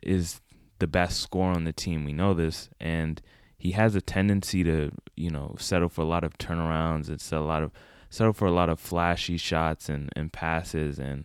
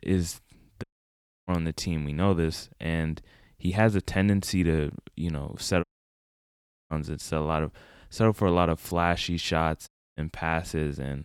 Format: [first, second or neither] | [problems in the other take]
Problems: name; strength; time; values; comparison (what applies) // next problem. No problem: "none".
first | audio cutting out; at 1 s for 0.5 s, at 6 s for 1 s and at 10 s